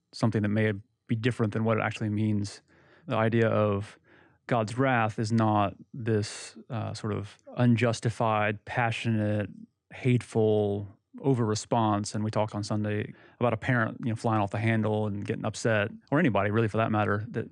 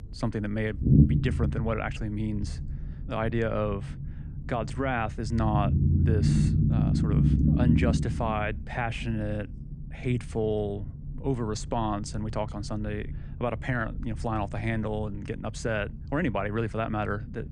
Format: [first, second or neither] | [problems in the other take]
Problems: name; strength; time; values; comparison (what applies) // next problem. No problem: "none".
first | low rumble; loud; throughout; 2 dB below the speech